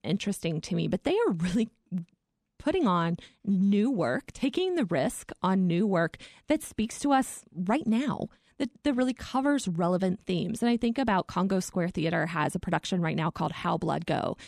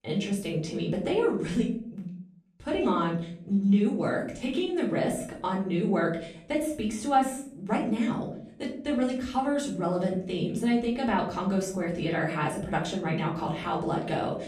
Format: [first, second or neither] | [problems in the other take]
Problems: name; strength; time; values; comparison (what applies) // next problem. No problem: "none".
first | off-mic speech; far // room echo; slight; dies away in 0.5 s